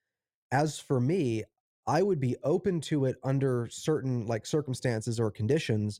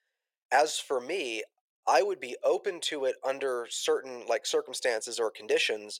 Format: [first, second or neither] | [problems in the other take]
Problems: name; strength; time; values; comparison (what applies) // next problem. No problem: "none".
first | thin; very; fading below 500 Hz